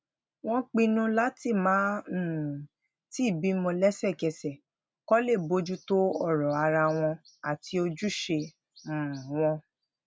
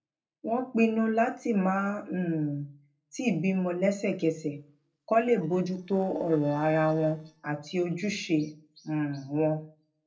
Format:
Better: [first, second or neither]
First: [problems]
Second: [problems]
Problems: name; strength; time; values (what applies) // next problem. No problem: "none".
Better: first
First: none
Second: noise reduction (neural separator model SepFormer DNS4)